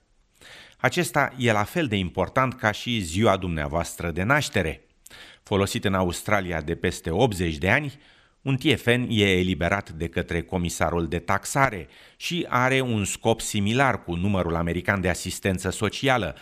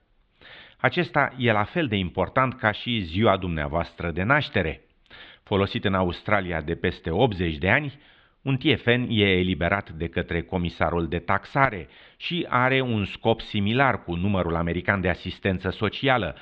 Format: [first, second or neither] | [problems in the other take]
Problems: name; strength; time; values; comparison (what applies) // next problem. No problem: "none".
first | muffled; very; fading above 3.5 kHz